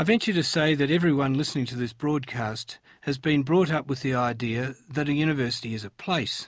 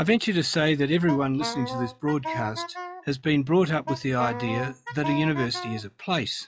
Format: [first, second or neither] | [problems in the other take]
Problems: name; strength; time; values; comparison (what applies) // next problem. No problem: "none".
first | noise reduction (classical method log-MMSE)